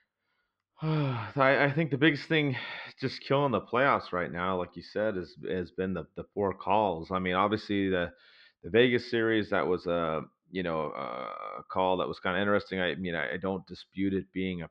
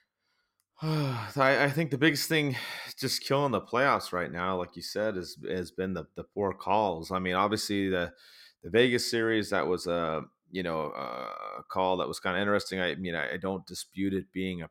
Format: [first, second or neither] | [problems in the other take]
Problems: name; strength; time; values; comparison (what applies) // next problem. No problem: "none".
second | muffled; slightly; fading above 3.5 kHz